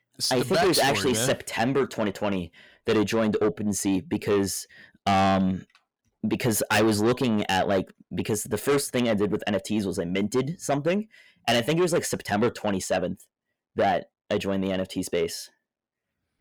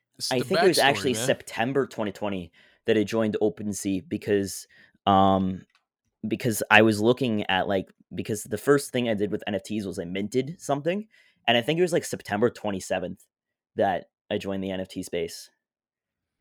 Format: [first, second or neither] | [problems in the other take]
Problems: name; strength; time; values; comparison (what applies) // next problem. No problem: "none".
second | distortion; heavy; 6 dB below the speech